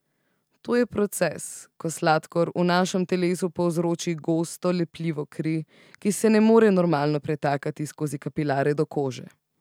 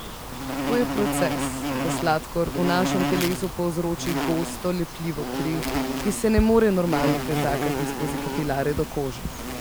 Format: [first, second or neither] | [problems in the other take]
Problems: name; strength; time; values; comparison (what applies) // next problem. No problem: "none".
first | background sound (Insect); 2 dB below the speech